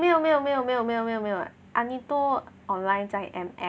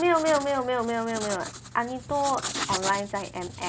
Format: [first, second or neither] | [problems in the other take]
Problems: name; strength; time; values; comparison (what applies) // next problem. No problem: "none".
first | background sound (Writing); 9 dB below the speech